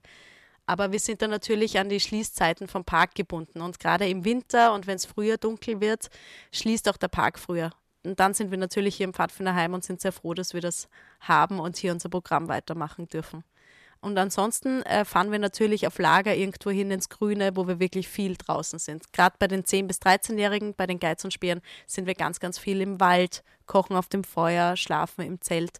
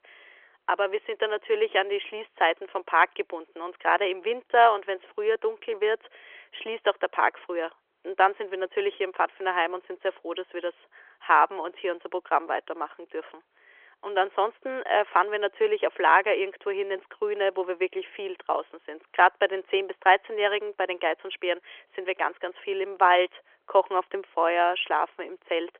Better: first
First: none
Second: phone-call audio; nothing above 3.5 kHz

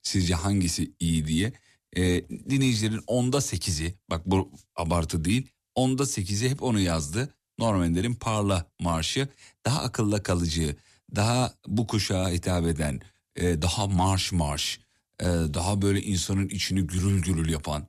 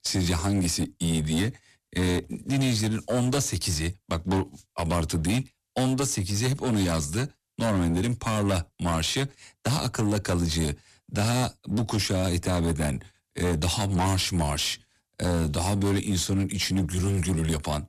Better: first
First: none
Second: distortion; slight; 18% of the sound clipped

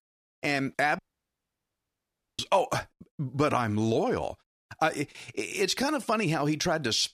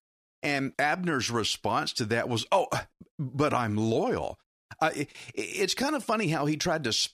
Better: second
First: audio cutting out; at 1 s for 1.5 s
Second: none

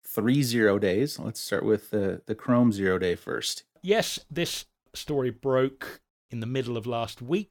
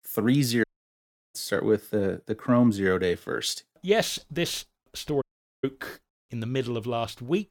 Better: first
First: none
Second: audio cutting out; at 0.5 s for 0.5 s and at 5 s

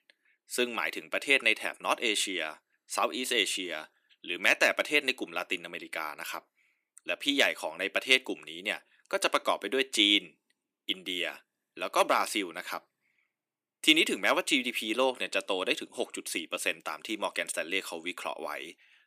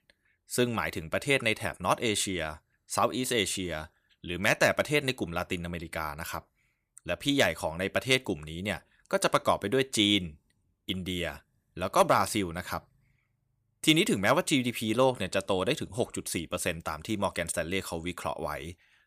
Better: second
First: thin; very slightly; fading below 300 Hz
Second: none

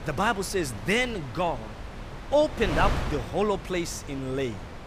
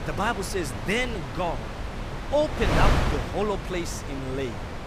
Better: first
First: wind noise on the microphone; occasional gusts; 10 dB below the speech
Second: wind noise on the microphone; heavy; 4 dB below the speech

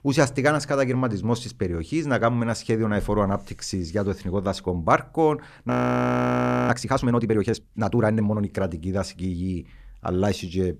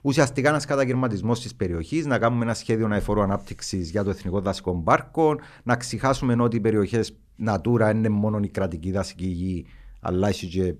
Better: second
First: audio freezing; at 5.5 s for 1 s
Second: none

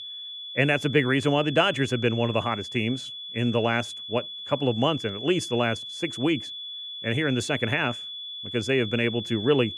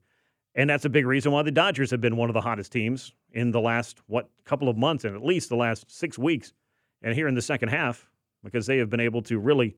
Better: second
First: high-pitched whine; loud; throughout; 3.5 kHz, 9 dB below the speech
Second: none

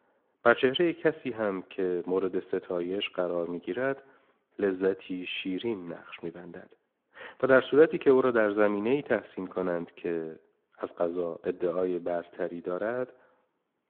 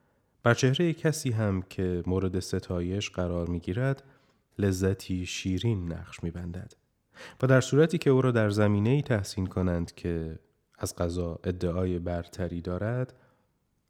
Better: second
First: phone-call audio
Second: none

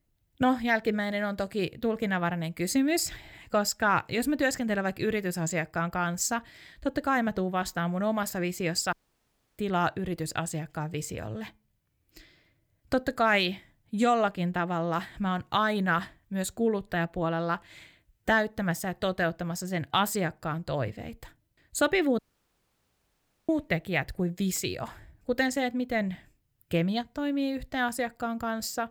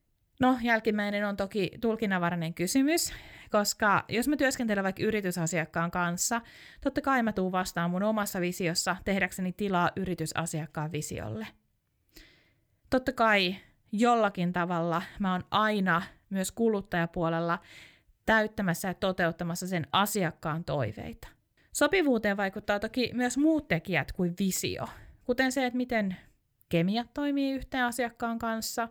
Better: second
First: audio cutting out; at 9 s for 0.5 s and at 22 s for 1.5 s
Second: none

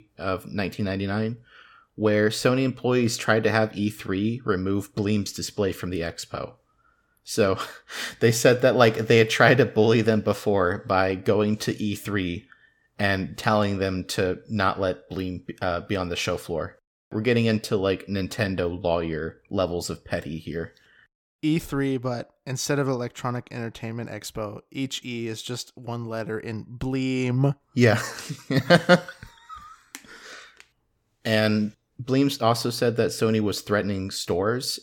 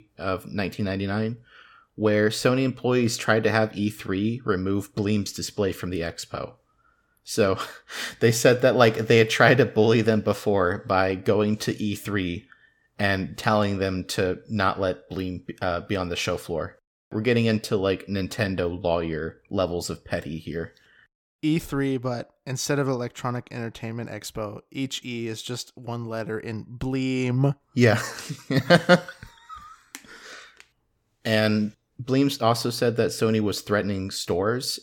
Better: neither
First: none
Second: none

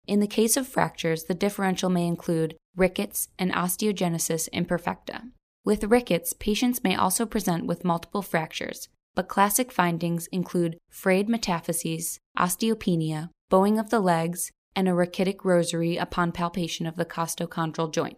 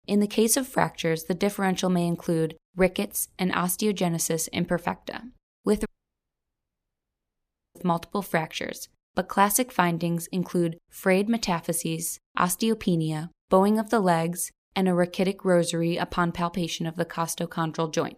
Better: first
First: none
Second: audio cutting out; at 6 s for 2 s

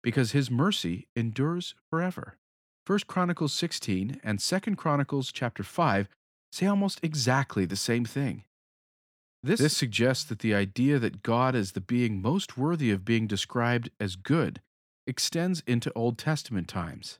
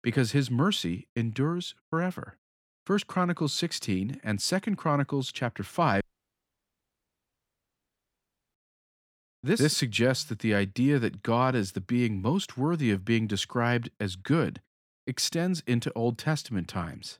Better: first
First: none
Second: audio cutting out; at 6 s for 2.5 s

